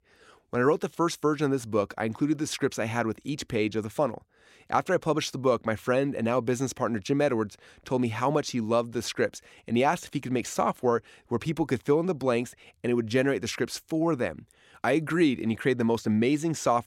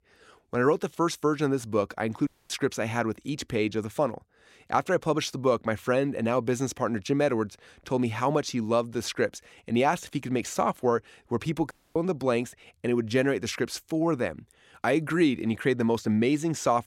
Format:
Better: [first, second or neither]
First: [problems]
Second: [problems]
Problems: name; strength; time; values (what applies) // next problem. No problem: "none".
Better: first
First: none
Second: audio cutting out; at 2.5 s and at 12 s